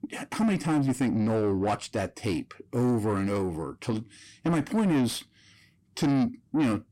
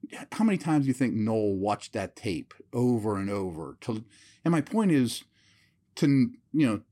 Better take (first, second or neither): second